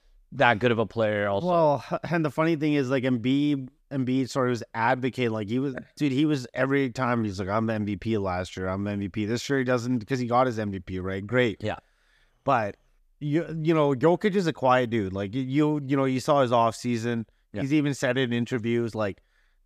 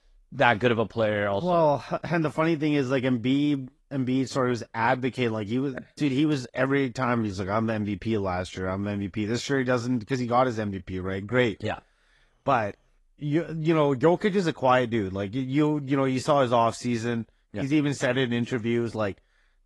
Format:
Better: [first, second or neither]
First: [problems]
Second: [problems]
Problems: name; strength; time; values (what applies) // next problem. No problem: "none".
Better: first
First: none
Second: garbled, watery; slightly; nothing above 11 kHz